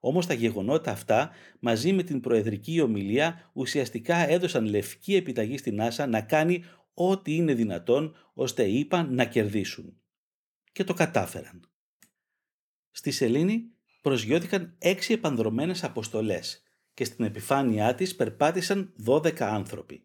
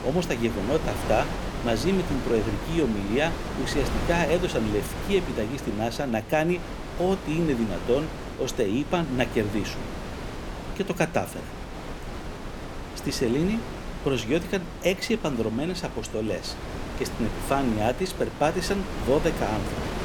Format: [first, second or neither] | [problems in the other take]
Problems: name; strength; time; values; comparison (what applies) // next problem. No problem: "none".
first | wind noise on the microphone; heavy; 8 dB below the speech